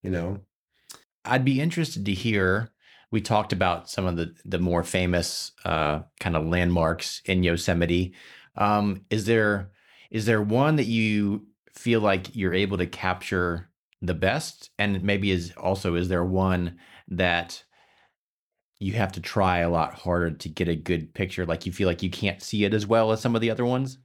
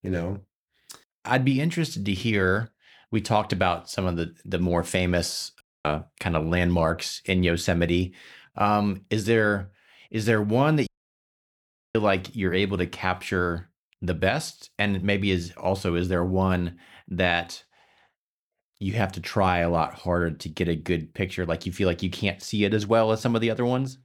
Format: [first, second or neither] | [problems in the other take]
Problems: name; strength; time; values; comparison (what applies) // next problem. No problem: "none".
first | audio cutting out; at 5.5 s and at 11 s for 1 s